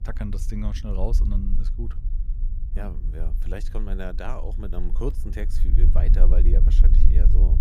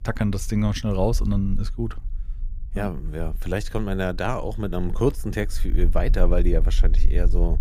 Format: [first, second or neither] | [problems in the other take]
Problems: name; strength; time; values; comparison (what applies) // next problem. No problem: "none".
second | low rumble; loud; throughout; 7 dB below the speech; faint in the second